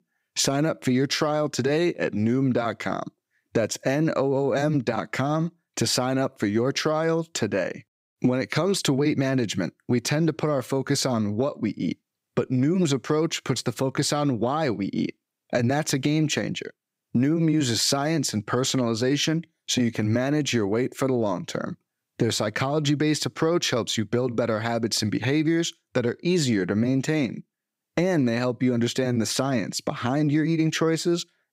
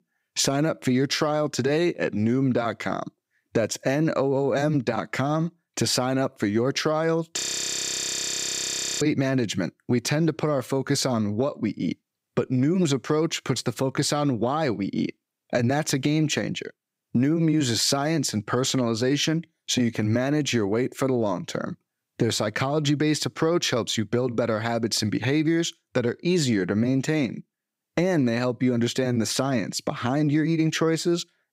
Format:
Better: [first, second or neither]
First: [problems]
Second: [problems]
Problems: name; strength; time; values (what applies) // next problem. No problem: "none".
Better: first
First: none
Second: audio freezing; at 7.5 s for 1.5 s